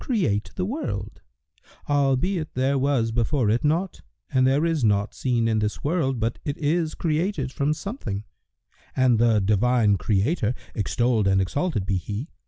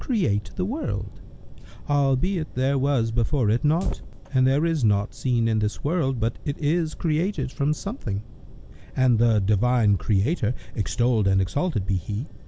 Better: first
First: none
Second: background sound (Fire); 14 dB below the speech

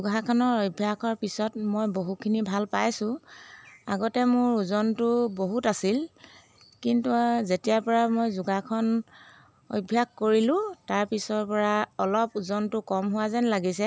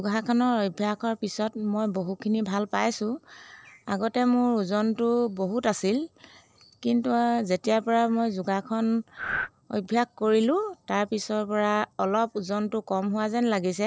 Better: first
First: none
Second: noise reduction (neural separator model SepFormer DNS4)

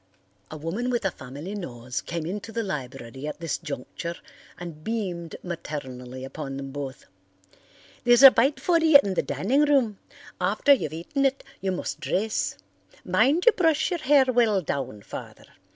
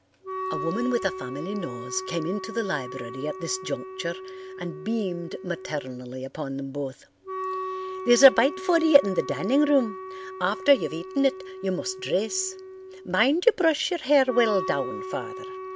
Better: first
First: none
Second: background sound (Wind instrument, woodwind instrument); 10 dB below the speech

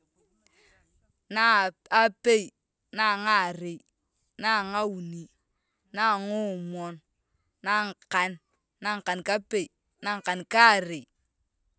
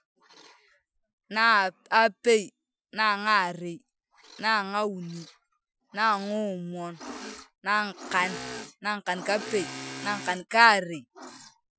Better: first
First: none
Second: noise reduction (classical method Wiener filter)

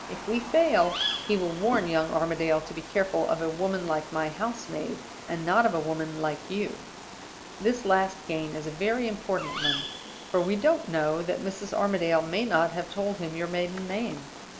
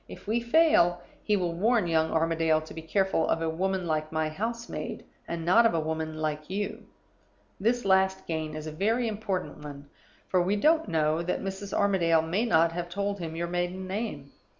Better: second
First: background sound (Bird vocalization, bird call, bird song); 11 dB below the speech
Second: none

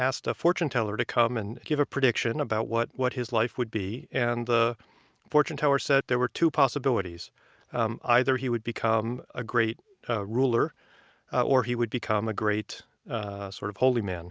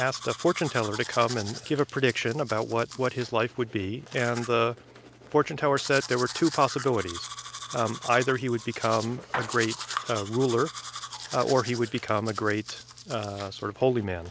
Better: first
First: none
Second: background sound (Domestic sounds, home sounds); 12 dB below the speech

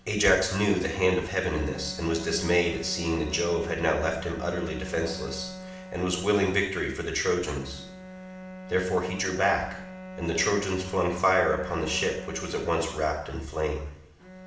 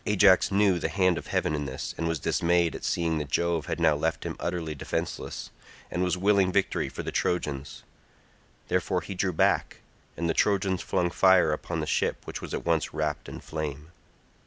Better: second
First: background sound (Bowed string instrument); 14 dB below the speech // room echo; dies away in 0.7 s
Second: none

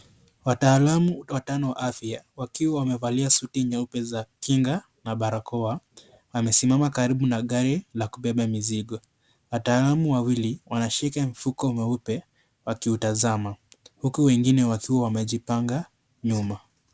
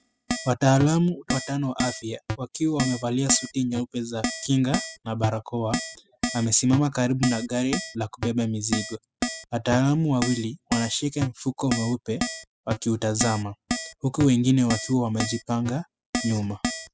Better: first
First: none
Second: noise reduction (classical method spectral subtraction)

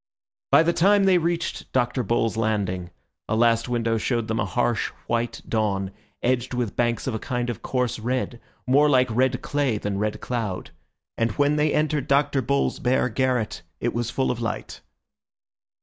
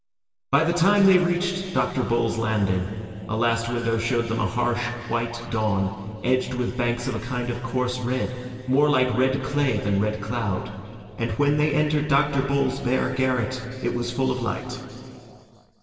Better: first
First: none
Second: room echo; dies away in 2.6 s

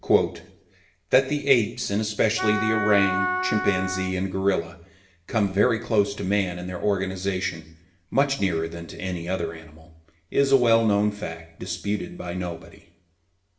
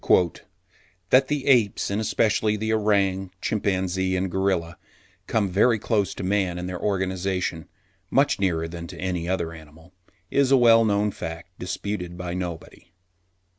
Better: second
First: background sound (Wind instrument, woodwind instrument); 3 dB below the speech // room echo; dies away in 0.6 s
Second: none

